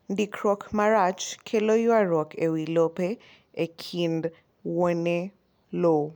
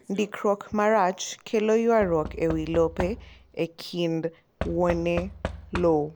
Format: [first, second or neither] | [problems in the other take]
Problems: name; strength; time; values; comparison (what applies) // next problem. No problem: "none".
first | background sound (Knock / Wood); 12 dB below the speech